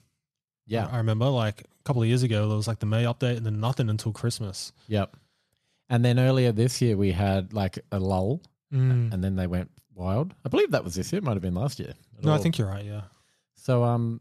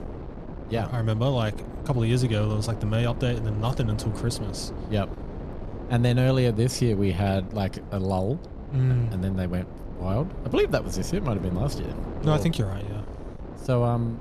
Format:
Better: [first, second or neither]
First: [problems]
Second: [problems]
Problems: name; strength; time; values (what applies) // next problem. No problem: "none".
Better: first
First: none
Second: wind noise on the microphone; occasional gusts; 10 dB below the speech